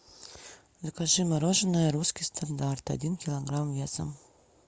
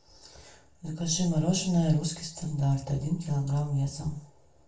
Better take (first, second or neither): first